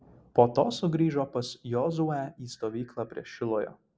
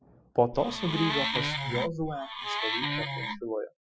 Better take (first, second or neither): first